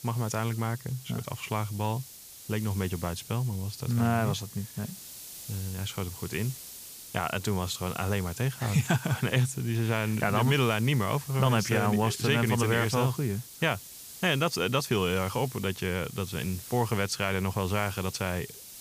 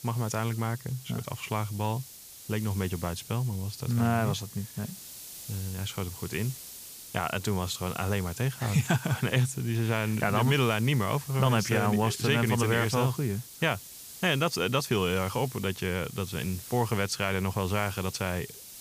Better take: neither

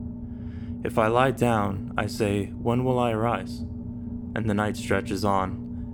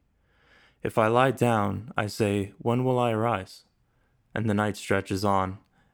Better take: second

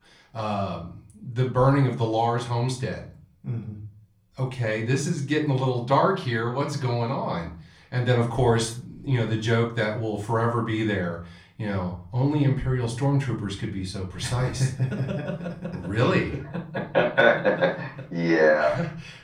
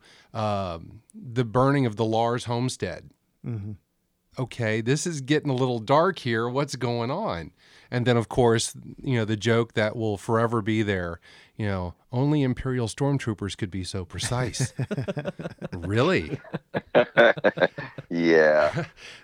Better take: second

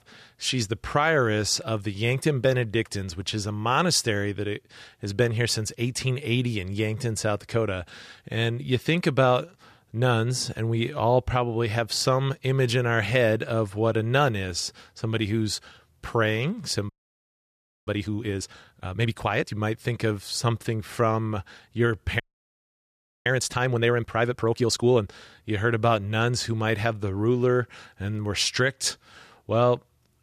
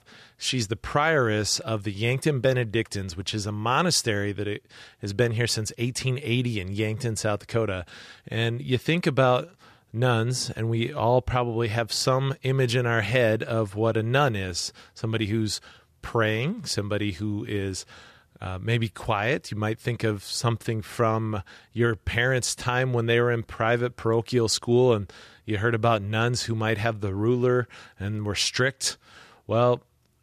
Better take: second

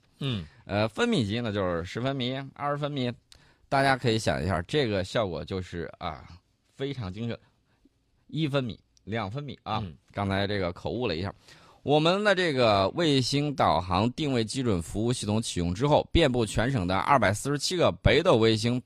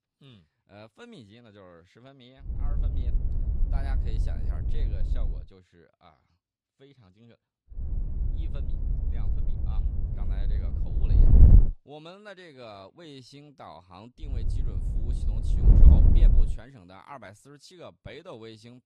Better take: first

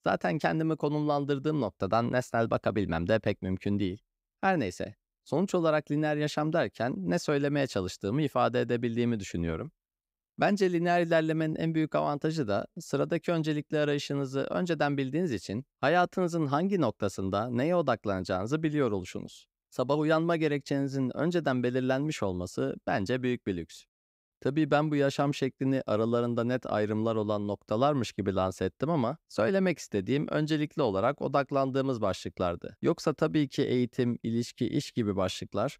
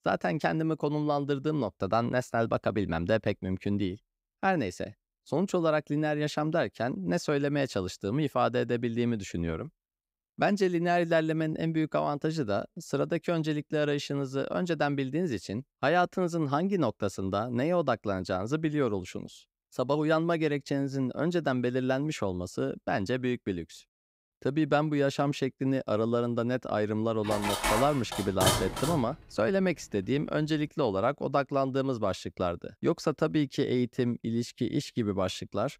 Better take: first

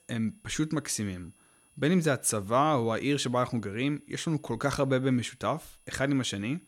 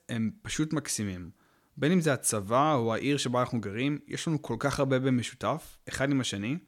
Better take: second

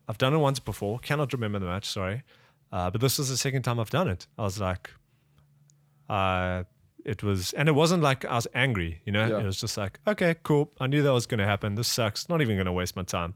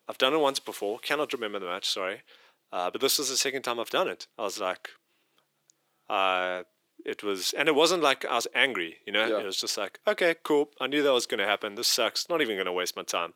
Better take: first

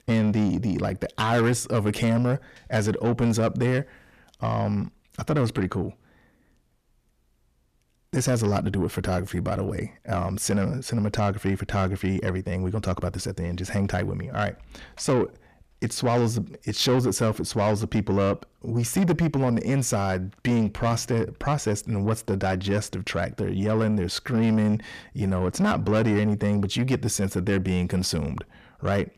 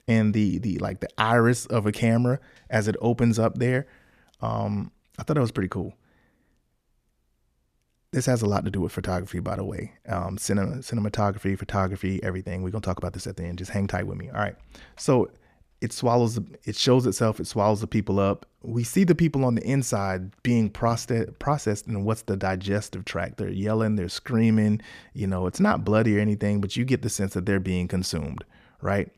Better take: second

